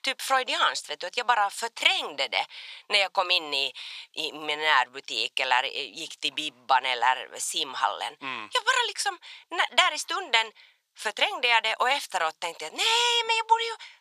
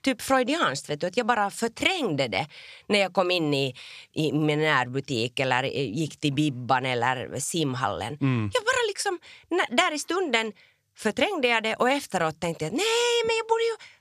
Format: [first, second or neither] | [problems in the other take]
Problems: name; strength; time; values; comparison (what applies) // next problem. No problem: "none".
second | thin; very; fading below 900 Hz